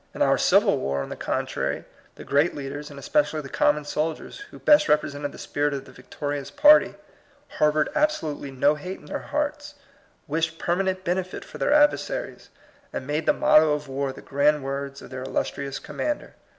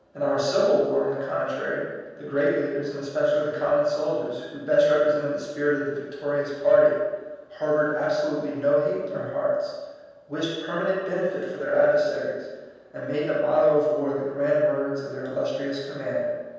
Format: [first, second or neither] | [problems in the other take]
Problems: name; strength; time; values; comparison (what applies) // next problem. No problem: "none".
first | room echo; dies away in 1.2 s